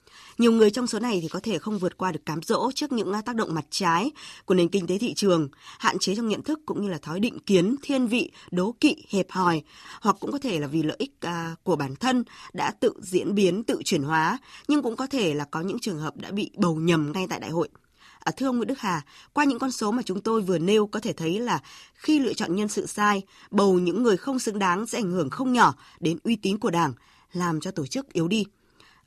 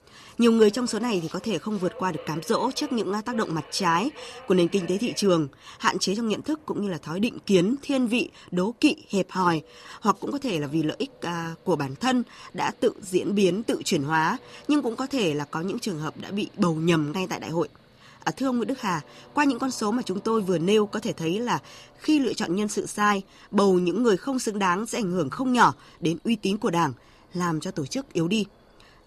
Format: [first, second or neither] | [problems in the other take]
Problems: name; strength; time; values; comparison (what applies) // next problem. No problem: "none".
first | train or aircraft noise; faint; throughout; 25 dB below the speech